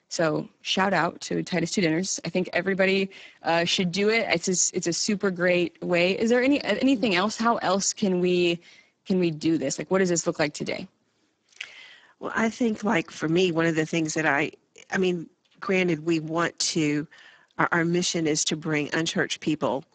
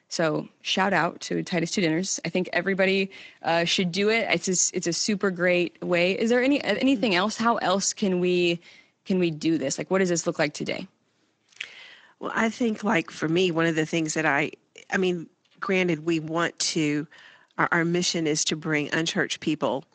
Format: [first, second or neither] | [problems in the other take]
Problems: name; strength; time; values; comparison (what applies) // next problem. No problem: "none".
second | garbled, watery; badly; nothing above 7.5 kHz; slightly in the second